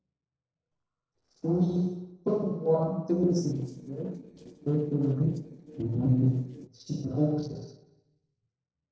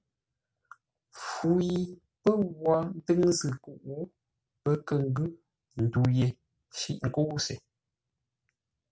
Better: second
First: noise reduction (neural separator model SepFormer DNS4)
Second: none

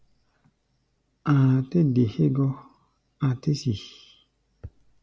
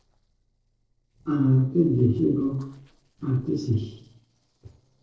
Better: first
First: none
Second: noise reduction (neural separator model SepFormer DNS4)

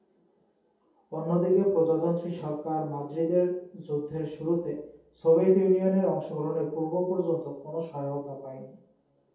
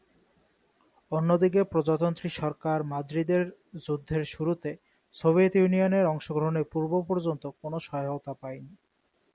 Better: second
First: room echo; dies away in 0.7 s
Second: none

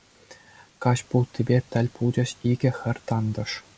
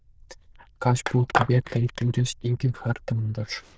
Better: first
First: none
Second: noise reduction (neural diffusion model UNIVERSE++)

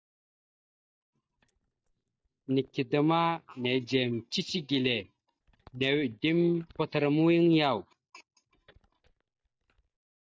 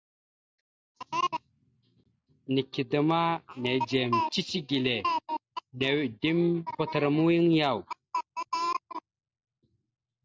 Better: second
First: noise reduction (neural mask model DeepFilterNet 3)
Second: none

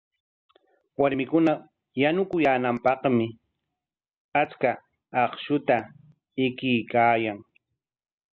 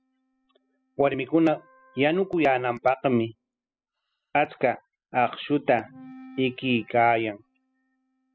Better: first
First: none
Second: noise reduction (classical method spectral subtraction)

